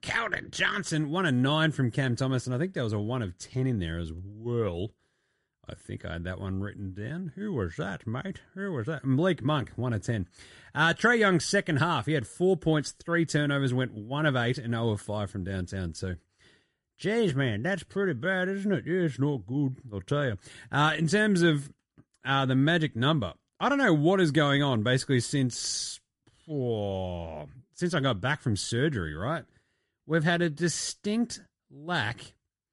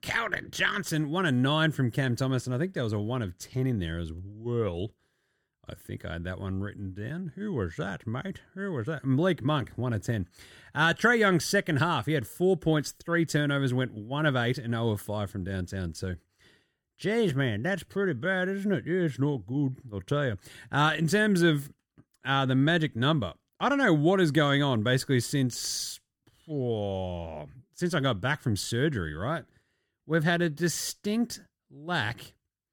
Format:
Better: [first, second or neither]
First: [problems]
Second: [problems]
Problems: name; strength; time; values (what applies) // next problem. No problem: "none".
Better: second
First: garbled, watery; slightly; nothing above 11 kHz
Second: none